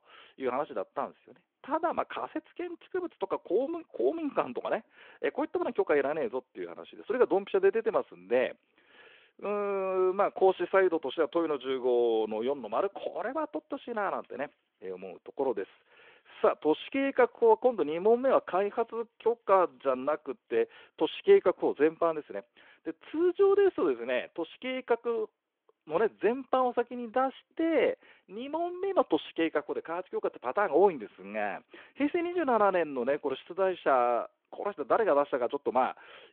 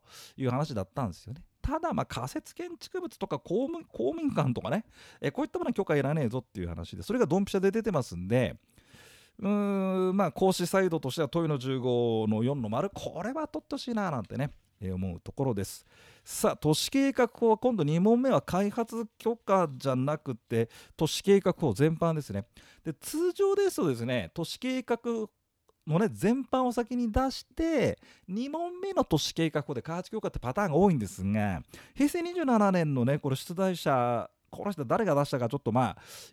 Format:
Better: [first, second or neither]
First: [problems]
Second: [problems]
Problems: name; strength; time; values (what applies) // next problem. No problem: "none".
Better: second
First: phone-call audio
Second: none